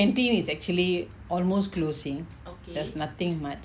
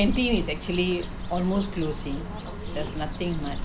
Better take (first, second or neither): first